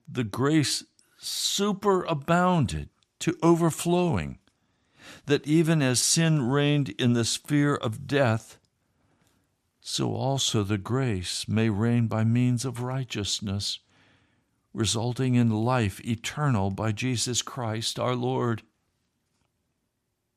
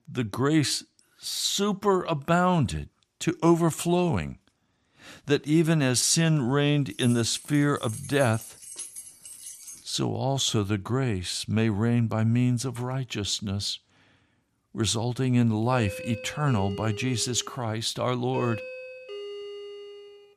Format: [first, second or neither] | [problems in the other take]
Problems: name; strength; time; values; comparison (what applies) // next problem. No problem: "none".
first | jangling keys; faint; from 7 to 10 s; peak 10 dB below the speech // doorbell; faint; from 16 s on; peak 10 dB below the speech